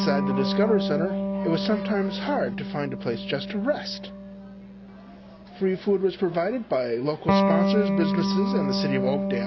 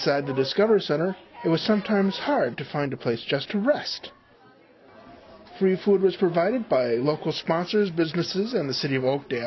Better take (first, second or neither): second